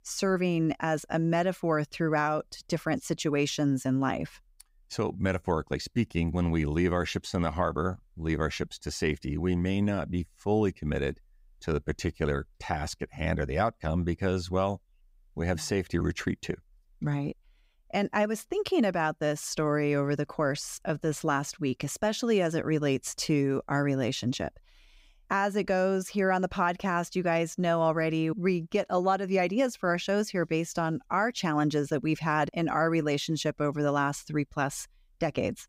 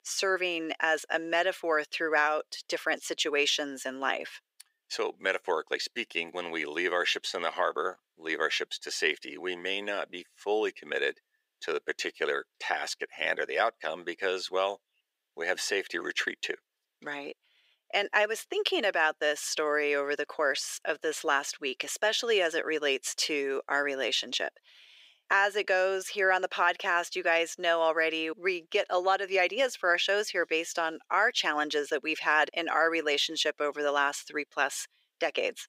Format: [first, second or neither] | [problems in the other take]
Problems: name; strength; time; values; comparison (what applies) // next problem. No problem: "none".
first | thin; very; fading below 400 Hz